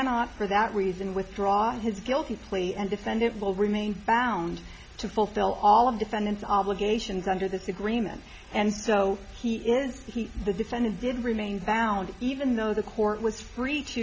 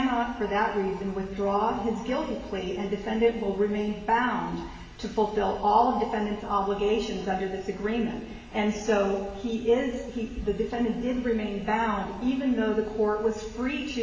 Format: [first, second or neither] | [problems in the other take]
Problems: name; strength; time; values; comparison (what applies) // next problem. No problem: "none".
first | room echo; dies away in 1.2 s